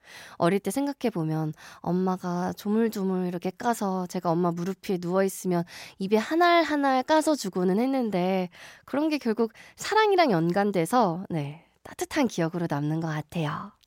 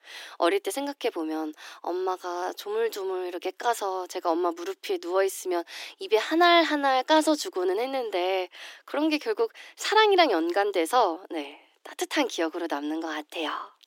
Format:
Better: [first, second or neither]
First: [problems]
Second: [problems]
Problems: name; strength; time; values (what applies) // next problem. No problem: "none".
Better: first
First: none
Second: thin; somewhat; fading below 300 Hz